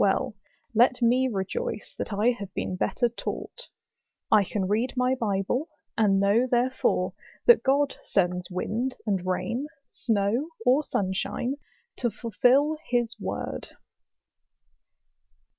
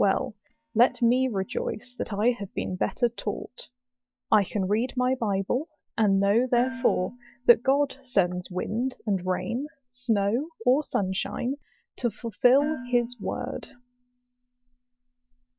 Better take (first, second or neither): first